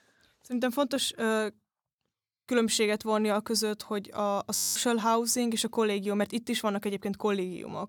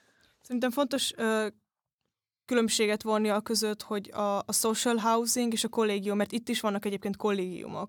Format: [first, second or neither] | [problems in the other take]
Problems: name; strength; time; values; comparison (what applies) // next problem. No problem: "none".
second | audio freezing; at 4.5 s